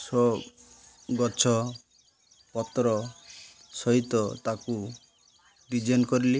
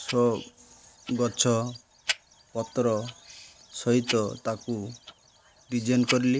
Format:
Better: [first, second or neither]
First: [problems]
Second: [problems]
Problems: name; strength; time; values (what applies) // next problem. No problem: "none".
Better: first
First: none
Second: background sound (Tick-tock); 12 dB below the speech